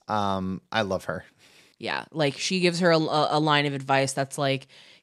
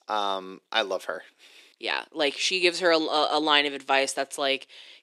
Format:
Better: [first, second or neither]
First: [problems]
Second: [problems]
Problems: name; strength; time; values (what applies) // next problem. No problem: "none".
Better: first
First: none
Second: thin; somewhat; fading below 350 Hz